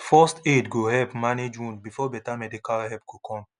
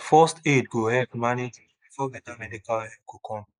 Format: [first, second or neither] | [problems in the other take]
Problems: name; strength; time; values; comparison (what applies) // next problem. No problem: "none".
first | noise reduction (neural mask model Resemble Enhance denoiser)